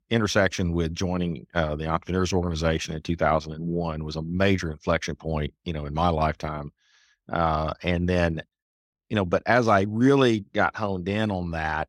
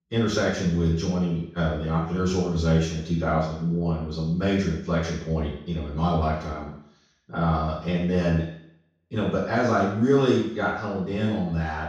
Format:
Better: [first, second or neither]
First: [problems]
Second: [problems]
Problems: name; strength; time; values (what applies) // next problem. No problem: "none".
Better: first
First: none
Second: room echo; noticeable; dies away in 0.6 s // off-mic speech; far